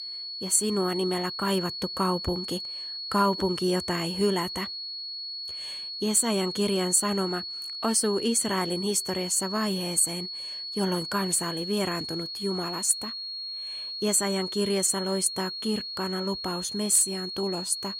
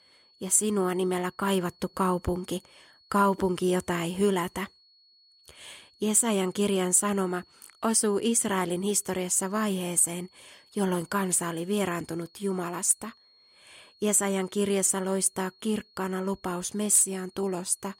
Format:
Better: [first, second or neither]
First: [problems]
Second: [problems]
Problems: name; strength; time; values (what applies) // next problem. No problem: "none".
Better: second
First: high-pitched whine; loud; throughout; 4.5 kHz, 6 dB below the speech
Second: high-pitched whine; faint; throughout; 4.5 kHz, 30 dB below the speech